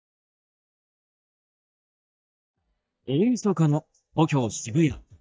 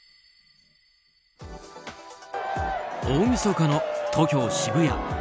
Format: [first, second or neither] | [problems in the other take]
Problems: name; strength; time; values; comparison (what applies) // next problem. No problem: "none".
second | noise reduction (neural mask model DeepFilterNet 3)